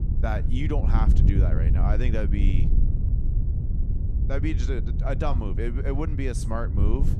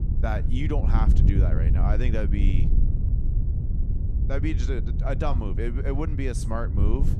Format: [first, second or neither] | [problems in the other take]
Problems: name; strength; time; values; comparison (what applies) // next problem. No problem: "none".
neither | wind noise on the microphone; heavy; 7 dB below the speech; the same in both